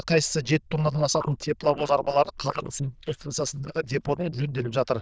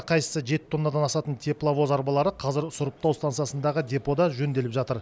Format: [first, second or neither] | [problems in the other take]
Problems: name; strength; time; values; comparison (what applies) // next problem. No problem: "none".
second | noise reduction (neural diffusion model UNIVERSE++)